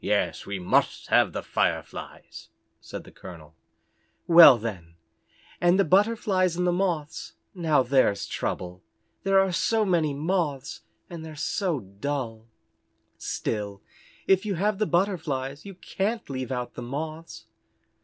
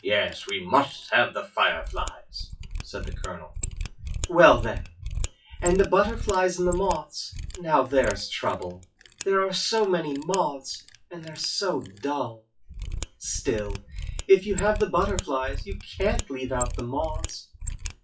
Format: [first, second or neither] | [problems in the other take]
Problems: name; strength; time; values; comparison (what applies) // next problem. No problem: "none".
first | noise reduction (classical method WPE with log-MMSE)